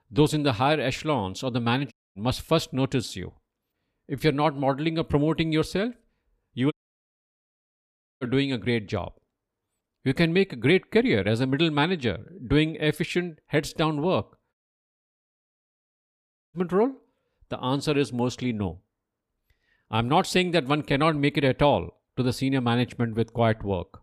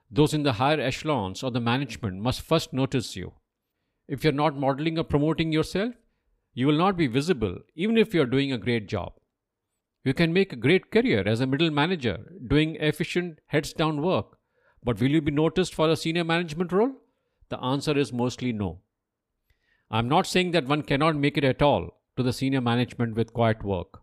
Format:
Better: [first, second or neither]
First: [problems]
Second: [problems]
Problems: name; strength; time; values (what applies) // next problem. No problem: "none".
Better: second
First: audio cutting out; at 2 s, at 6.5 s for 1.5 s and at 15 s for 2 s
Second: none